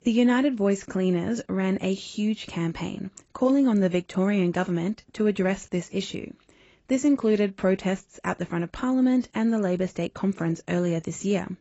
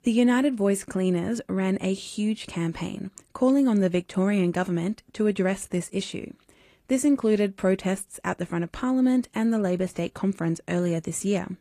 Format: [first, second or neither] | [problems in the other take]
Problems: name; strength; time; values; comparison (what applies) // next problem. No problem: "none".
second | garbled, watery; badly; nothing above 7.5 kHz; slightly in the second